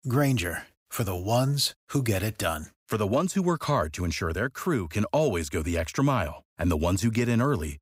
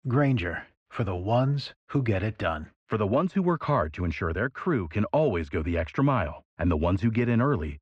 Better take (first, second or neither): first